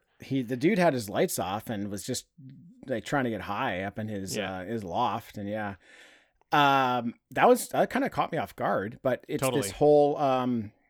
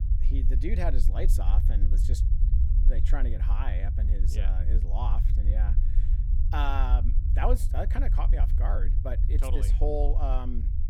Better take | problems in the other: first | low rumble; loud; throughout; 10 dB below the speech

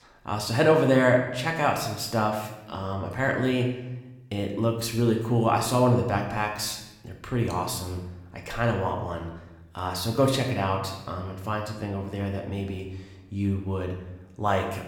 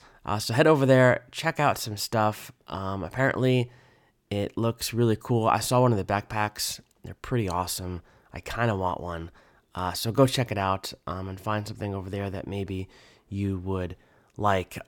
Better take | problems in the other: second | room echo; slight; dies away in 0.8 s // off-mic speech; somewhat distant

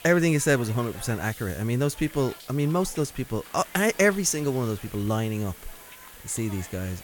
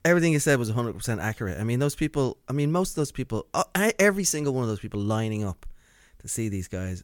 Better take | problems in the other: second | hiss; noticeable; throughout; 15 dB below the speech

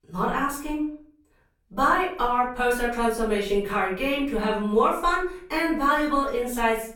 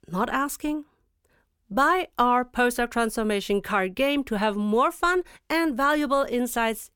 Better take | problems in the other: second | off-mic speech; far // room echo; noticeable; dies away in 0.5 s

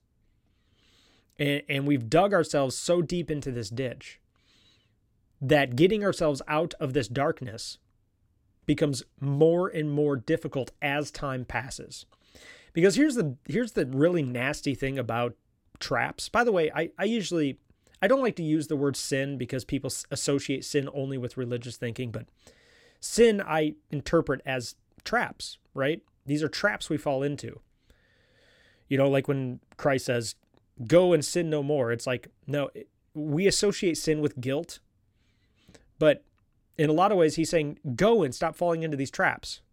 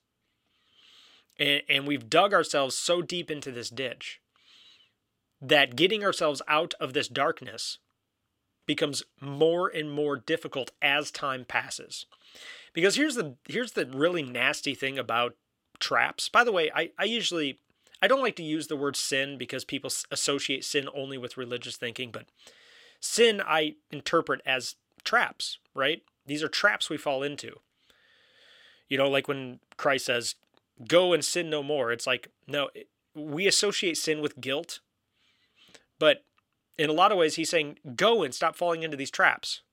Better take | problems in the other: first | thin; somewhat; fading below 600 Hz

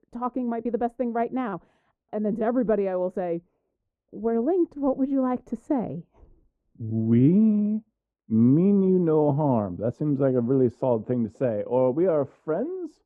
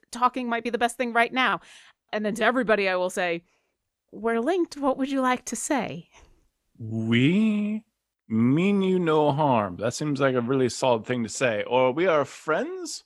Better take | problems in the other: second | muffled; very; fading above 1.5 kHz

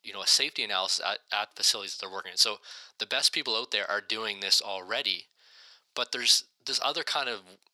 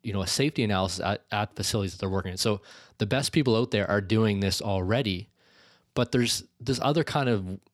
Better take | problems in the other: second | thin; very; fading below 850 Hz

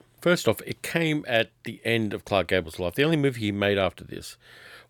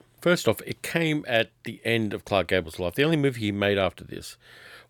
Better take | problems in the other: neither | none

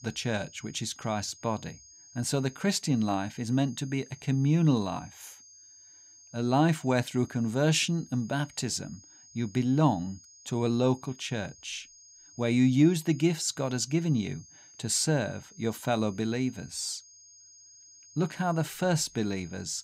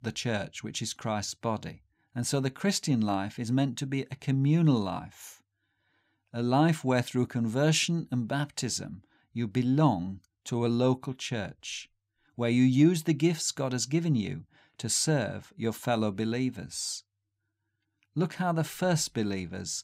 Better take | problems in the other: second | high-pitched whine; faint; throughout; 6.5 kHz, 20 dB below the speech

